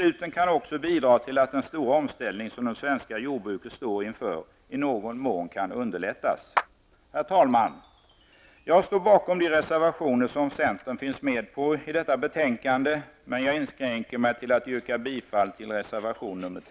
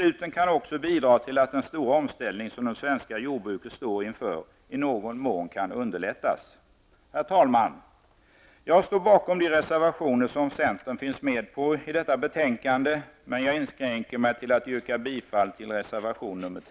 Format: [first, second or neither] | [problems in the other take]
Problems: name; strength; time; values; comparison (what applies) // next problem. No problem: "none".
second | background sound (Wind chime + Clapping); 19 dB below the speech